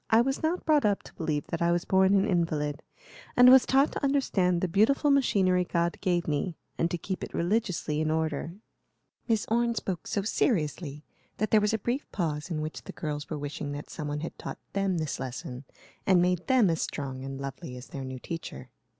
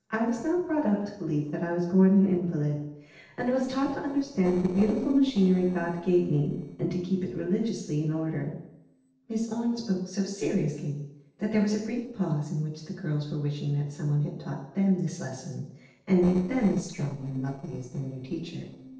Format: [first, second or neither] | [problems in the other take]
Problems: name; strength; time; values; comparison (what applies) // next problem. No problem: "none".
first | noise reduction (neural separator model SepFormer DNS4)